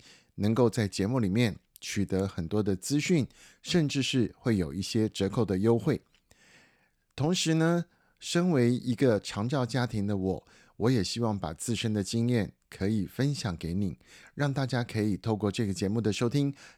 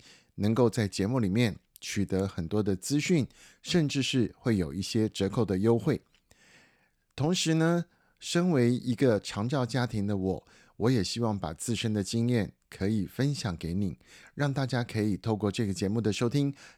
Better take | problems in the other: neither | none

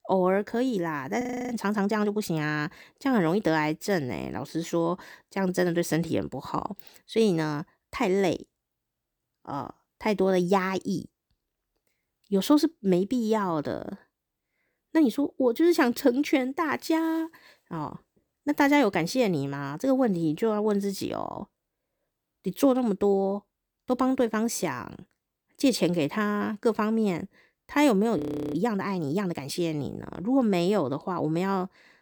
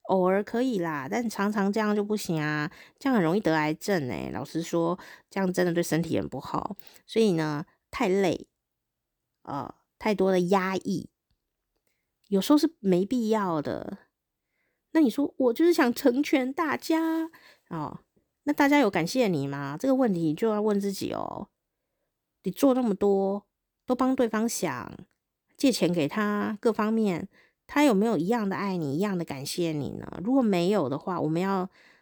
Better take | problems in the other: second | audio freezing; at 1 s and at 28 s

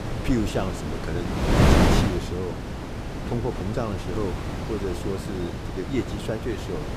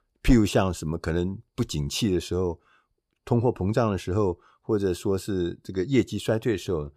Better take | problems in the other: second | wind noise on the microphone; heavy; 3 dB above the speech

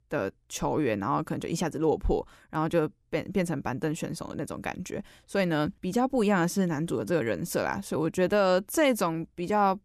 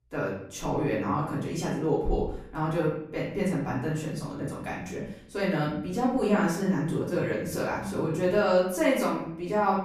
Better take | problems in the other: first | off-mic speech; far // room echo; noticeable; dies away in 0.6 s

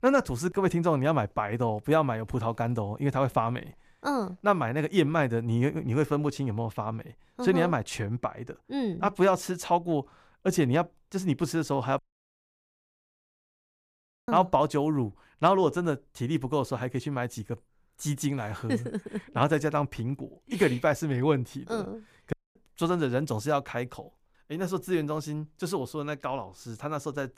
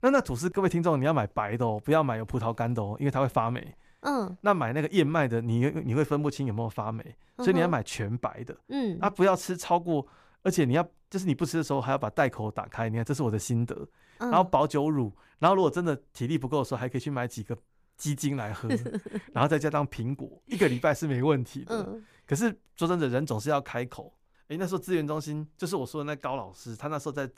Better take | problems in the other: second | audio cutting out; at 12 s for 2.5 s and at 22 s

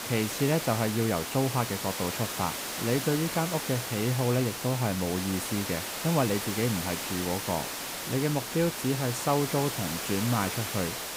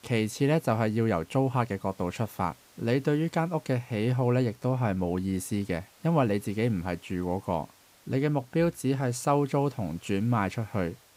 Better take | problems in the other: second | hiss; loud; throughout; 3 dB below the speech; faint in the second

